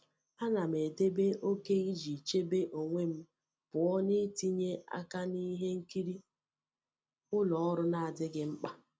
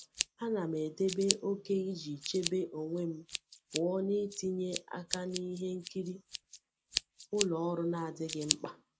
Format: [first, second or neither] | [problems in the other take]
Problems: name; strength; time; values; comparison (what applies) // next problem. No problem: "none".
first | background sound (Scissors); 6 dB below the speech